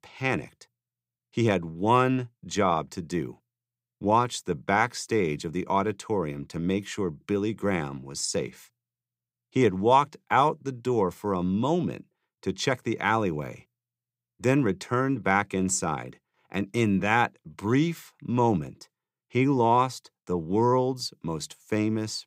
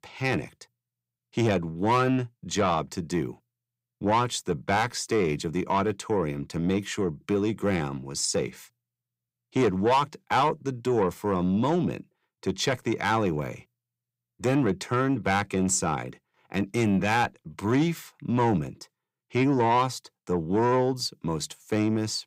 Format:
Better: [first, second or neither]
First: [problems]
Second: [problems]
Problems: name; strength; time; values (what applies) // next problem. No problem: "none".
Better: first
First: none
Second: distortion; slight; 10 dB below the speech